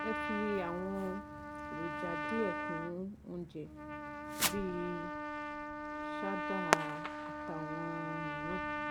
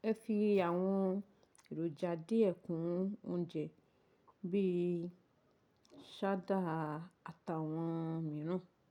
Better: second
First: background sound (Fireworks + Trumpet); 3 dB above the speech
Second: none

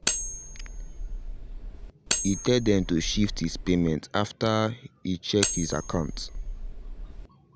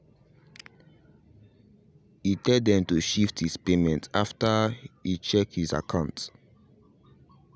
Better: second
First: background sound (Cutlery, silverware); 4 dB below the speech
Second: none

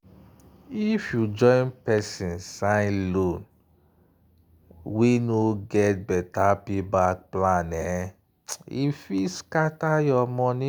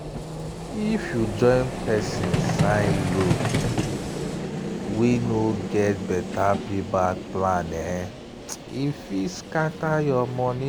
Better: first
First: none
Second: background sound (Vehicle); 3 dB below the speech

